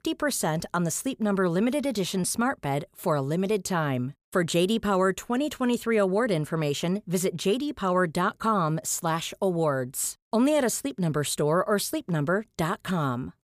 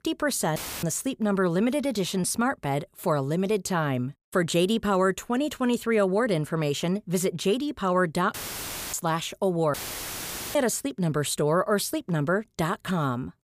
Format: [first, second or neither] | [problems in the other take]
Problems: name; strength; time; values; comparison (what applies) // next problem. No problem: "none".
first | audio cutting out; filled with static; at 0.5 s, at 8.5 s for 0.5 s and at 9.5 s for 1 s